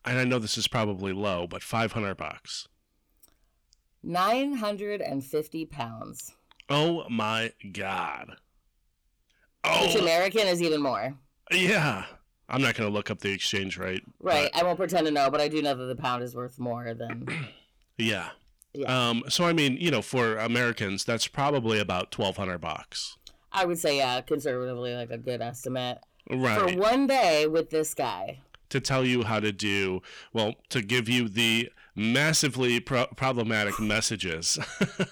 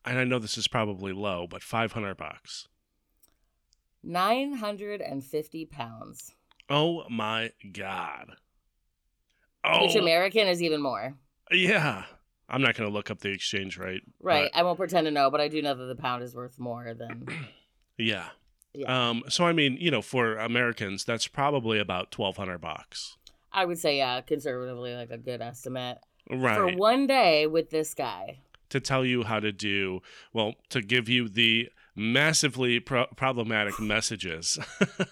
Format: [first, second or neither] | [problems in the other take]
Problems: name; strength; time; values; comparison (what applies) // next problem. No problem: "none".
second | distortion; slight; 10 dB below the speech